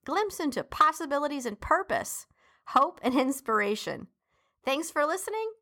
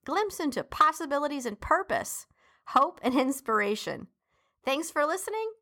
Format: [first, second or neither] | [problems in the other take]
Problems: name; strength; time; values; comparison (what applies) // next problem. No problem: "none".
neither | none